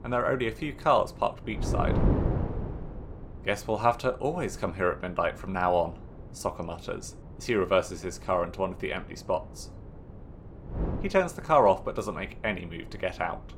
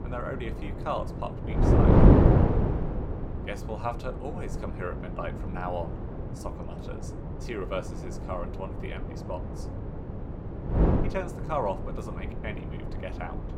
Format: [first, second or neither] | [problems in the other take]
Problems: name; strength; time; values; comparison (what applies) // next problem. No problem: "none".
first | wind noise on the microphone; heavy; 1 dB above the speech; occasional gusts in the first